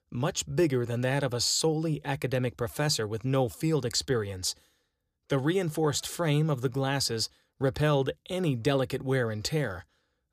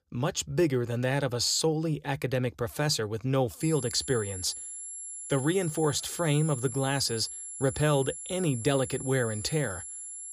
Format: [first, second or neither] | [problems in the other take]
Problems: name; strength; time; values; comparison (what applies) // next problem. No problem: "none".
first | high-pitched whine; loud; from 3.5 s on; 11 kHz, 9 dB below the speech